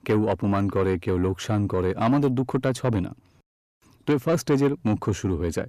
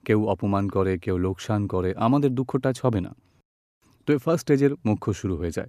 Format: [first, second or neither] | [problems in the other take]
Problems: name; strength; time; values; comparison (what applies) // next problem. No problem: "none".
second | distortion; slight; 10 dB below the speech